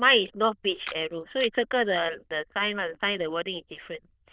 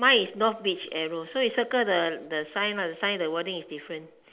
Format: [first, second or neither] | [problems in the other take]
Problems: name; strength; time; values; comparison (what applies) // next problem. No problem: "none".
second | noise reduction (neural diffusion model UNIVERSE++)